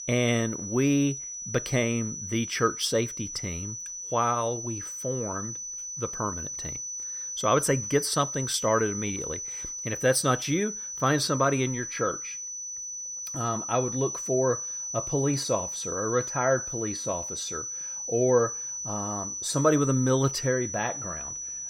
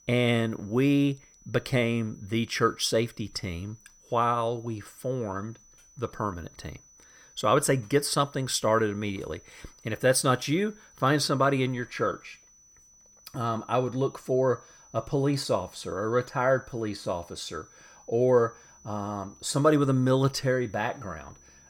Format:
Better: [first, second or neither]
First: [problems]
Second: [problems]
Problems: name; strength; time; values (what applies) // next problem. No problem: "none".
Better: second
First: high-pitched whine; loud; throughout; 6 kHz, 5 dB below the speech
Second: high-pitched whine; faint; throughout; 6 kHz, 25 dB below the speech